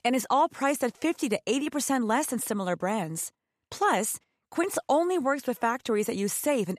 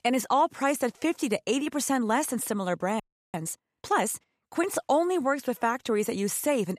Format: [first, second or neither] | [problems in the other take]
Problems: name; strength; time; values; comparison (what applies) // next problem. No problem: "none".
first | audio freezing; at 3 s